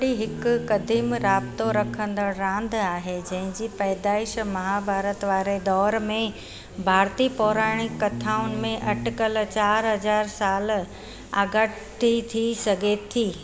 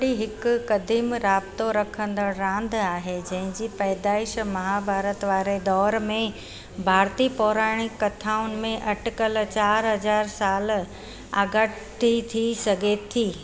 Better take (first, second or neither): second